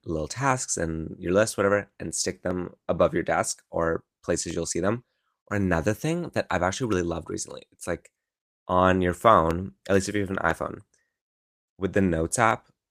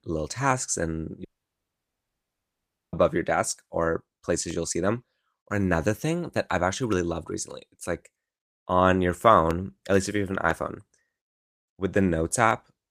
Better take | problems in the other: first | audio cutting out; at 1.5 s for 1.5 s

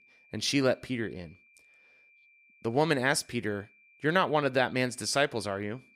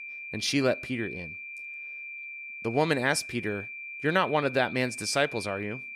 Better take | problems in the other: first | high-pitched whine; loud; throughout; 2.5 kHz, 9 dB below the speech; faint in the first

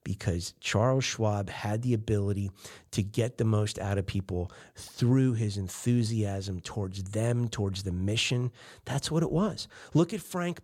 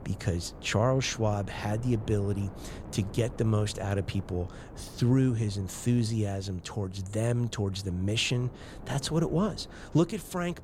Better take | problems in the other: first | wind noise on the microphone; occasional gusts; 15 dB below the speech

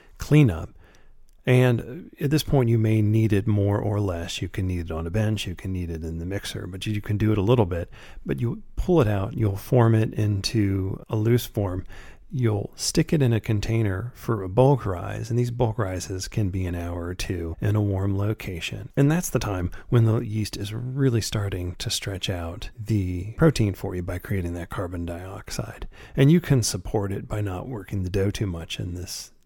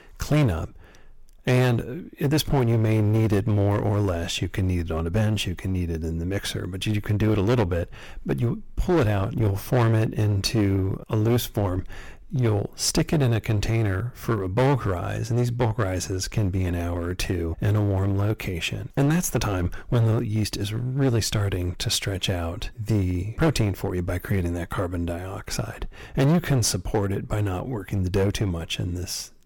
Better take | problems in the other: first | distortion; heavy; 9% of the sound clipped

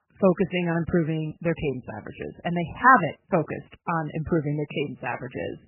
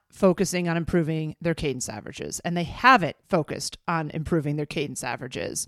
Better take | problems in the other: second | garbled, watery; badly; nothing above 3 kHz

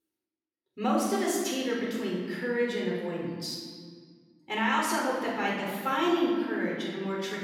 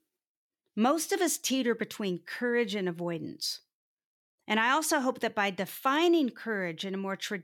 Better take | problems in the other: second | off-mic speech; far // room echo; noticeable; dies away in 1.6 s

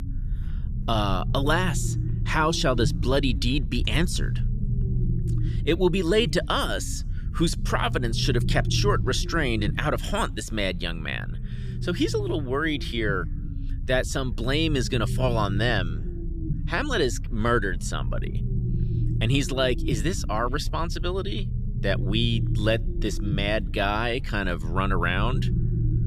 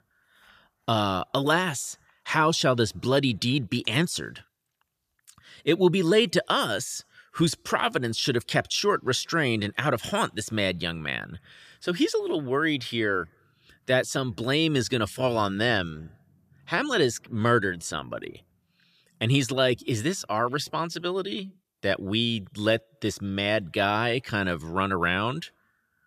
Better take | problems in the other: second | low rumble; noticeable; throughout; 15 dB below the speech

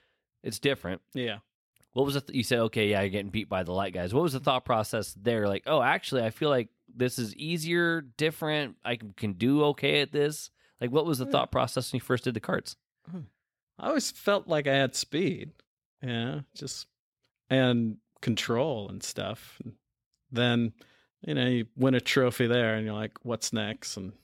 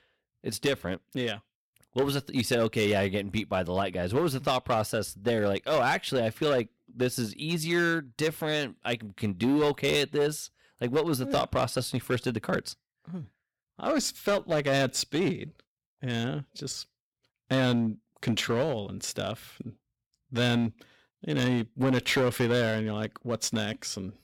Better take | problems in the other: first | distortion; slight; 6% of the sound clipped

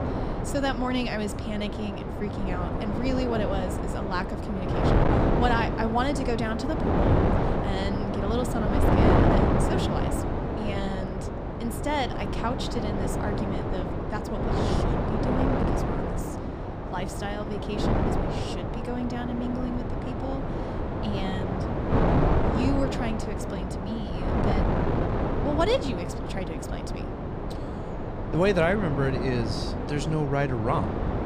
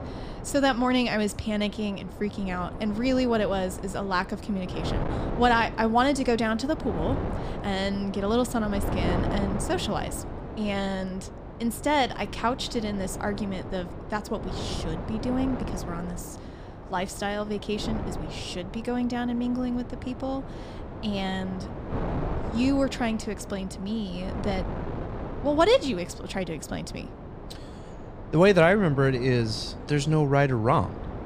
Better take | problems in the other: second | wind noise on the microphone; heavy; 1 dB above the speech; occasional gusts in the second

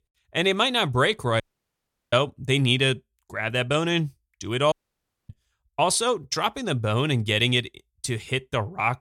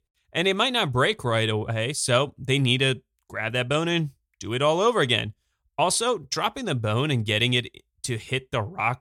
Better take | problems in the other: second | audio cutting out; at 1.5 s for 0.5 s and at 4.5 s for 0.5 s

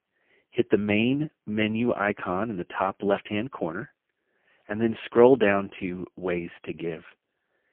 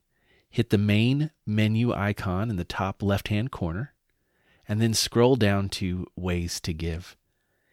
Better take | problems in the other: second | phone-call audio; poor line

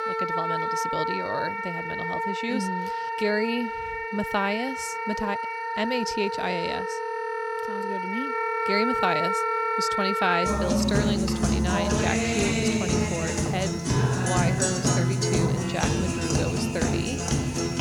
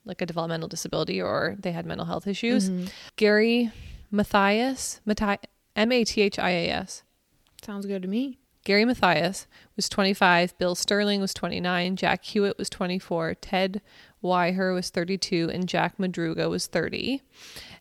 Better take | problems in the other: second | background music; very loud; throughout; 4 dB above the speech

